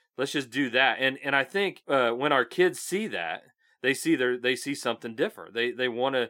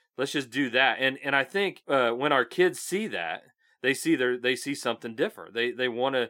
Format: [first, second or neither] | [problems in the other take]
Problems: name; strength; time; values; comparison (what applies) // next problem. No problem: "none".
neither | none